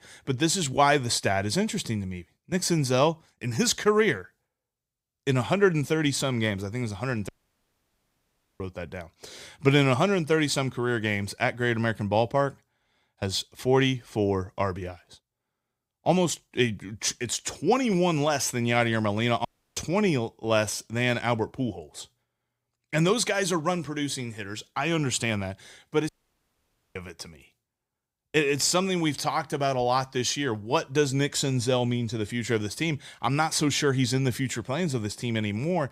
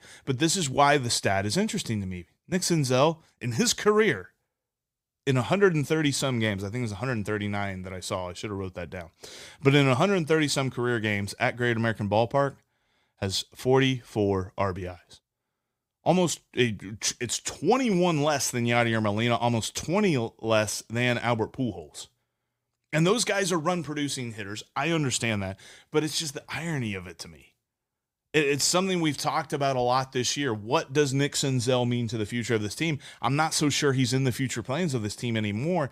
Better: second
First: audio cutting out; at 7.5 s for 1.5 s, at 19 s and at 26 s for 1 s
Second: none

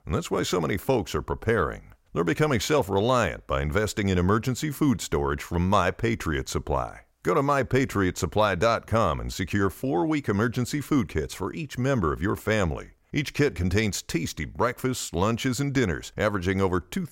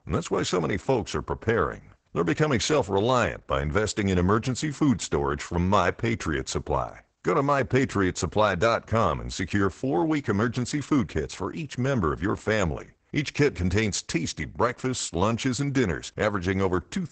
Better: first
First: none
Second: garbled, watery; badly; nothing above 8 kHz

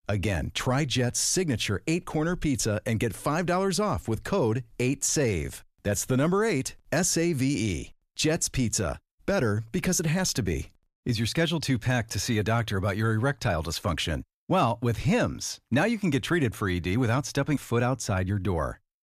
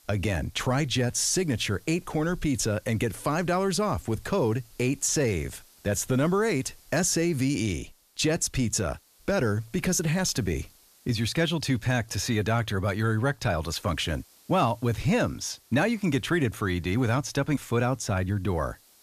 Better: first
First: none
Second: hiss; faint; throughout; 30 dB below the speech

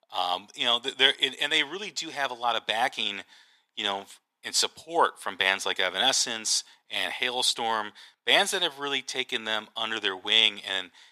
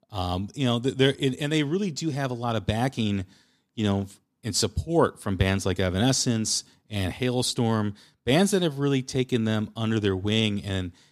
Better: second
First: thin; very; fading below 650 Hz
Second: none

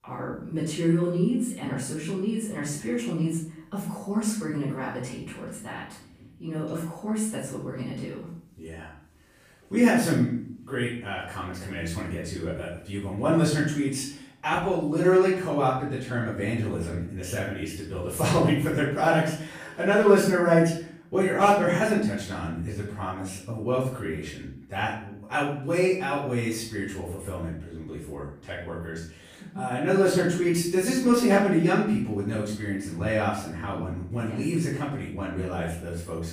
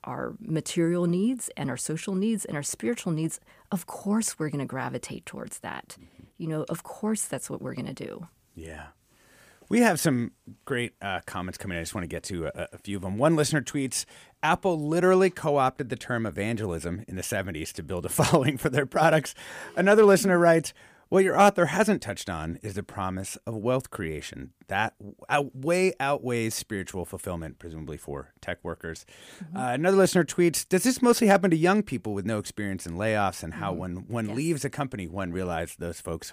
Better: second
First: off-mic speech; far // room echo; noticeable; dies away in 0.5 s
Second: none

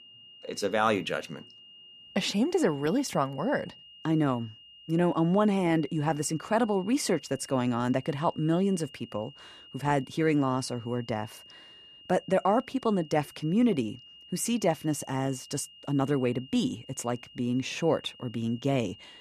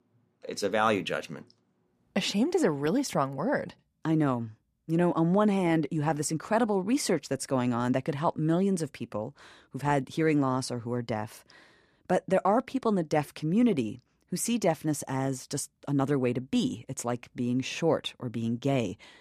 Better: second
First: high-pitched whine; faint; throughout; 3 kHz, 20 dB below the speech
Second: none

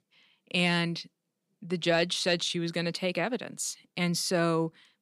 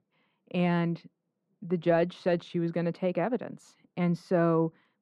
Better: first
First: none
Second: muffled; very; fading above 2.5 kHz

